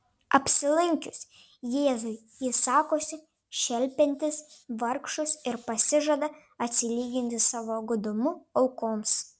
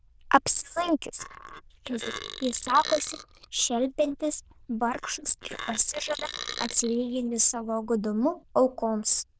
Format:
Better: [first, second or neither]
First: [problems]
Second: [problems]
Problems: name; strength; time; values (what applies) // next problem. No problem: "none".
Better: first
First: none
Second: noise reduction (neural diffusion model UNIVERSE++)